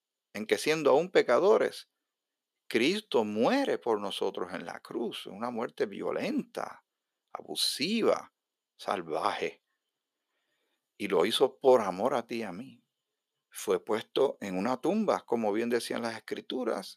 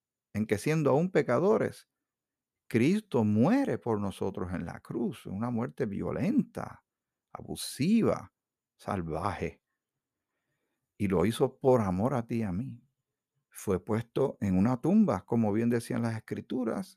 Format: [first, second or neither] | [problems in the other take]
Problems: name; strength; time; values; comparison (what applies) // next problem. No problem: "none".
second | thin; somewhat; fading below 450 Hz